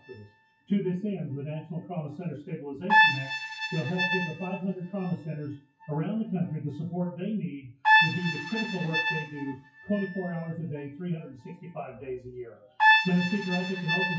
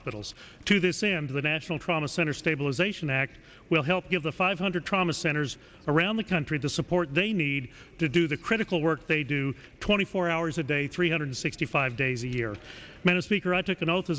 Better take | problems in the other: second | noise reduction (classical method WPE with log-MMSE)

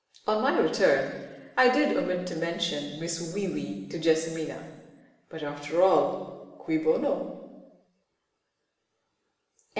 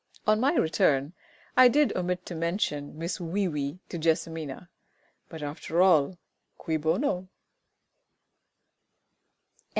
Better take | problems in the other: second | room echo; dies away in 1.1 s

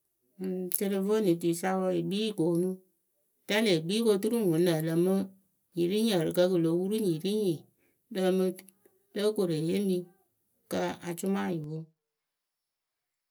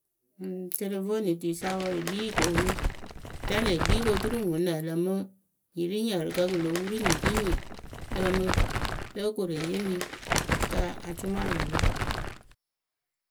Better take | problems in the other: first | background sound (Crumpling, crinkling); 1 dB above the speech

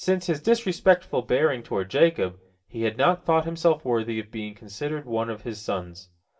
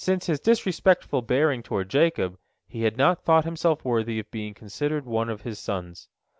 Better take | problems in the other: second | room echo; dies away in 0.2 s

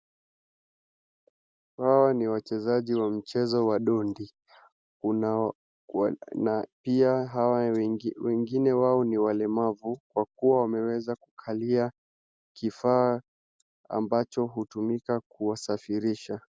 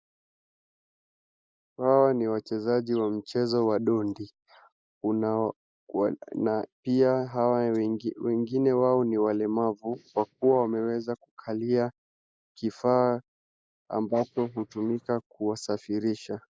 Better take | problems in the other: first | noise reduction (neural mask model Resemble Enhance denoiser)

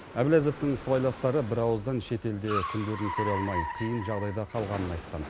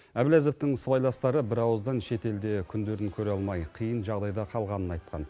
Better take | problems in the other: second | background sound (Car); 9 dB below the speech

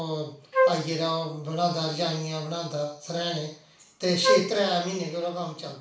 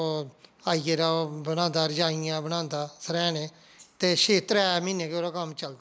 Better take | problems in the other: second | background sound (Wind instrument, woodwind instrument); 4 dB above the speech // room echo; dies away in 0.4 s

